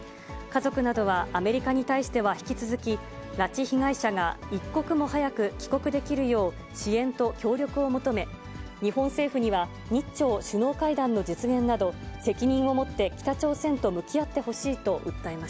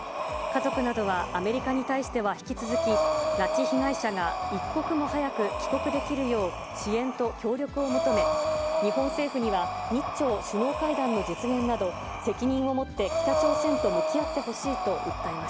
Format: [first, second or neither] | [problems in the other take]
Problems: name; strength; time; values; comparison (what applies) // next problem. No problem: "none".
first | background sound (Breathing); 1 dB below the speech